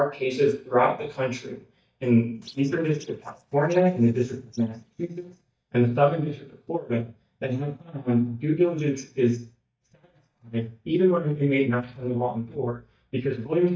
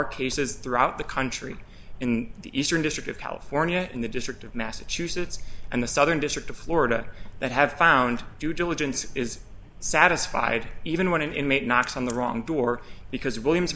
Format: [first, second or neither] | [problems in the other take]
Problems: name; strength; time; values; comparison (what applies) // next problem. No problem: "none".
second | noise reduction (neural mask model DeepFilterNet 3)